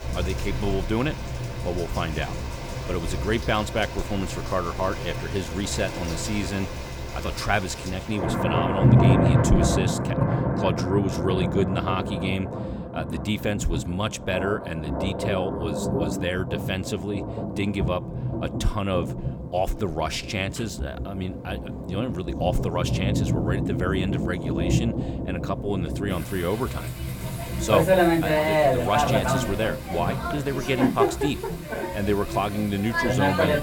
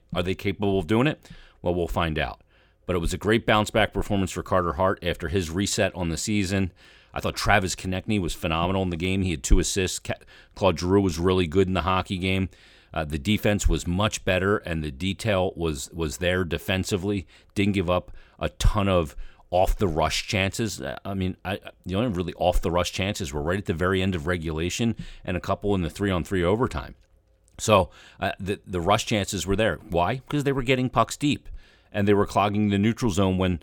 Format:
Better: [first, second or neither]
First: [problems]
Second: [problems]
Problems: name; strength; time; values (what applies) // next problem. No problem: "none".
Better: second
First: rain or running water; very loud; throughout; 2 dB above the speech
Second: none